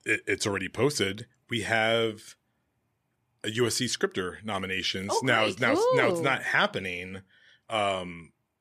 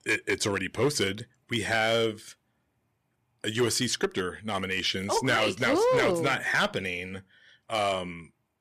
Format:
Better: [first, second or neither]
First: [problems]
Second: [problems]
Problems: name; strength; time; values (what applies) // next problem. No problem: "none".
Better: first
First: none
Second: distortion; slight; 3% of the sound clipped